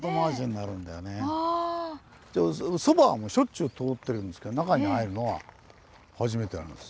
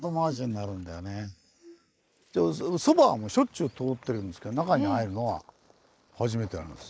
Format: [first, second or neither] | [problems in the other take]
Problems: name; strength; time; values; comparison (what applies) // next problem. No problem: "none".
first | noise reduction (neural mask model Resemble Enhance denoiser)